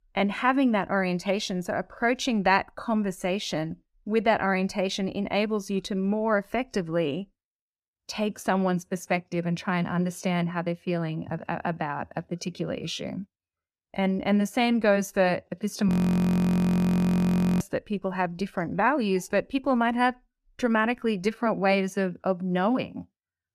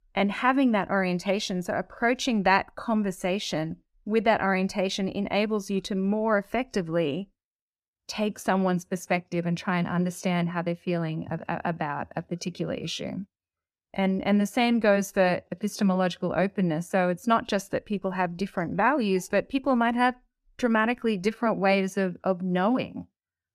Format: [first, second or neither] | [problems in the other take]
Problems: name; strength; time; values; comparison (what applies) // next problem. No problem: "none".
second | audio freezing; at 16 s for 1.5 s